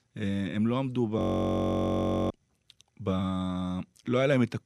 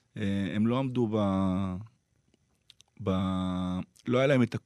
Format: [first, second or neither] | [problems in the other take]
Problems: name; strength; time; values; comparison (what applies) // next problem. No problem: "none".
second | audio freezing; at 1 s for 1 s